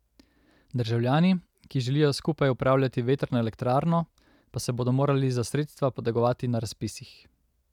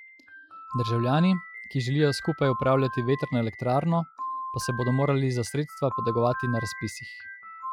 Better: first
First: none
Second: noise reduction (classical method Wiener filter)

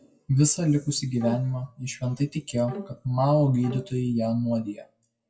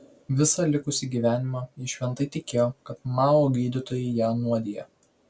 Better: second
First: noise reduction (classical method WPE with log-MMSE)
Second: none

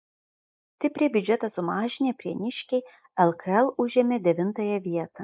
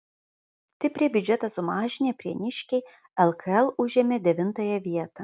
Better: second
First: noise reduction (neural mask model Resemble Enhance denoiser)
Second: none

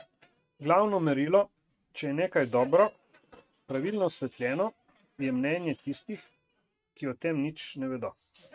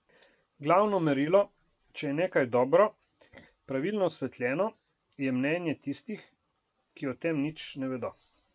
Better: second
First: noise reduction (neural mask model RNNoise)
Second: none

